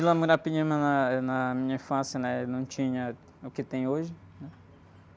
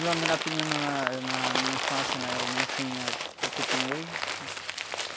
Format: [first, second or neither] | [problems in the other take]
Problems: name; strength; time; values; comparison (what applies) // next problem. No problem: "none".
first | background sound (Crumpling, crinkling); 3 dB above the speech